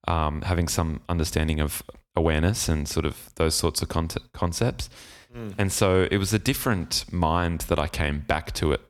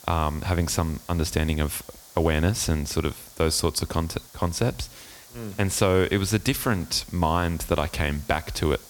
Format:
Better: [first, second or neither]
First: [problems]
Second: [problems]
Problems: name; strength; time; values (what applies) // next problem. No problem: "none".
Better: first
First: none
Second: hiss; faint; throughout; 20 dB below the speech